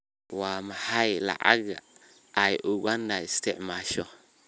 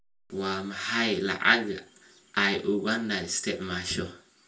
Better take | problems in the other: first | room echo; dies away in 0.3 s

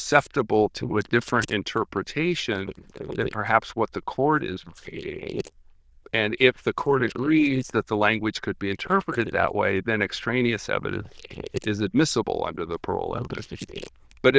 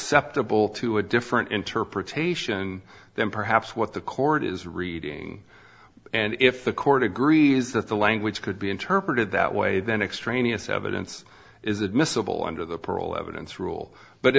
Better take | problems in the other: second | noise reduction (neural diffusion model UNIVERSE++)

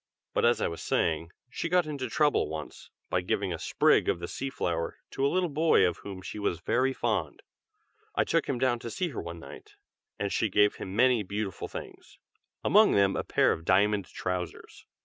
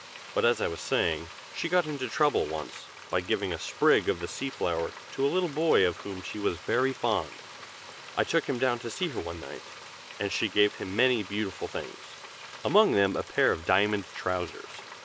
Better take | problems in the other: first | background sound (Frying (food)); 15 dB below the speech

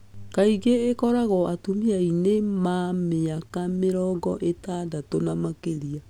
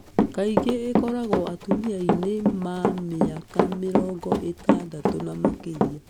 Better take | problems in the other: first | background sound (Run); 3 dB above the speech

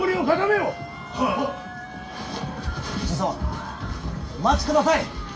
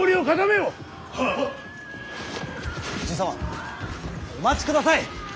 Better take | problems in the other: second | background sound (Wind instrument, woodwind instrument); 15 dB below the speech // room echo; dies away in 0.2 s

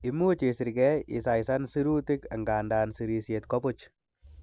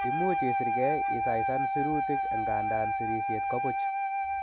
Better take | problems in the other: first | background sound (Wind instrument, woodwind instrument); 5 dB above the speech

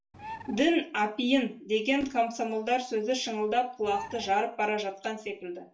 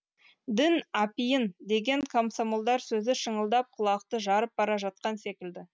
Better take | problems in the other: second | background sound (Bird); 13 dB below the speech // room echo; dies away in 0.3 s

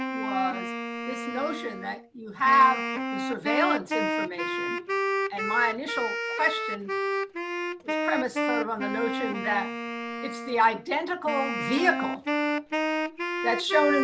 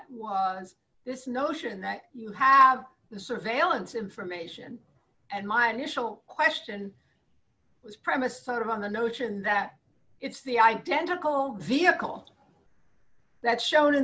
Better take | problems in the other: second | background sound (Wind instrument, woodwind instrument); 1 dB below the speech

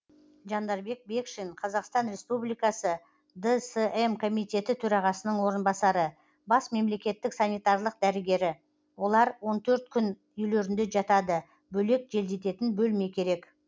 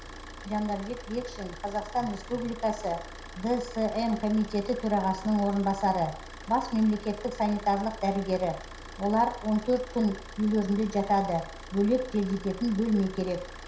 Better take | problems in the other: first | background sound (Idling / Car); 14 dB below the speech // room echo; dies away in 0.5 s

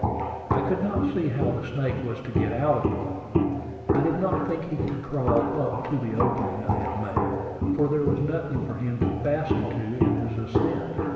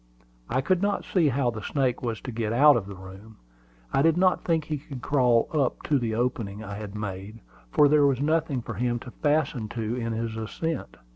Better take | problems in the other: second | background sound (Walk, footsteps); as loud as the speech // room echo; dies away in 1.6 s

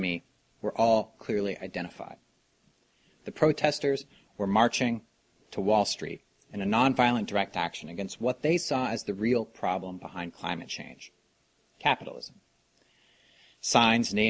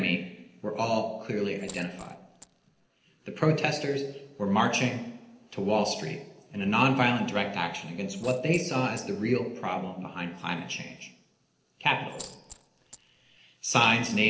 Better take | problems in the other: first | noise reduction (neural separator model SepFormer DNS4)

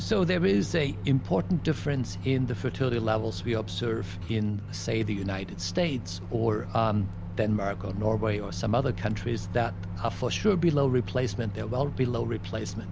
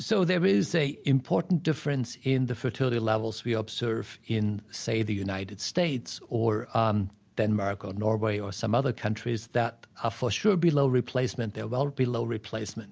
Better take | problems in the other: second | background sound (Microwave oven); 8 dB below the speech

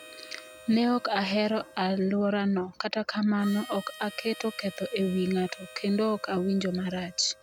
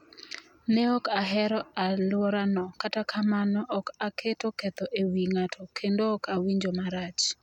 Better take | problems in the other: second | background sound (Harmonica); 20 dB below the speech

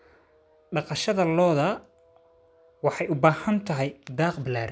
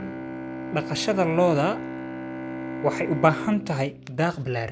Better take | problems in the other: first | background sound (Bowed string instrument); 8 dB below the speech

